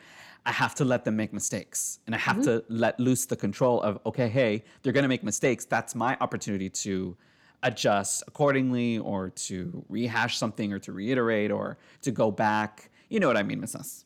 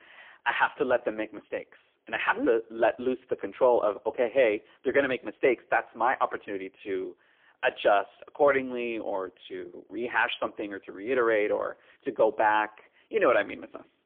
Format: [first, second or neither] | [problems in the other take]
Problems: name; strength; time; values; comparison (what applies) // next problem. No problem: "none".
first | phone-call audio; poor line; nothing above 3.5 kHz